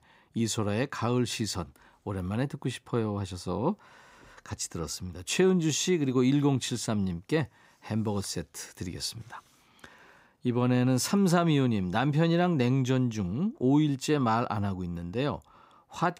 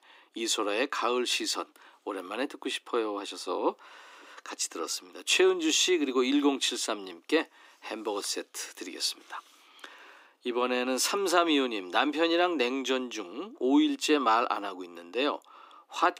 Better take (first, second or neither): first